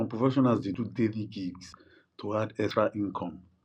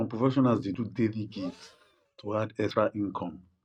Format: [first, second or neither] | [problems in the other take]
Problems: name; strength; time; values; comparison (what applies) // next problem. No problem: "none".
first | noise reduction (neural mask model RNNoise)